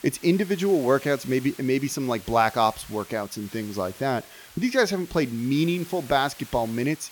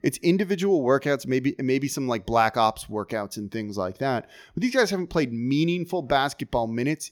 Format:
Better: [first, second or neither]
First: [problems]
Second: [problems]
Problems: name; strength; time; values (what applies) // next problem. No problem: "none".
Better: second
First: hiss; noticeable; throughout; 20 dB below the speech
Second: none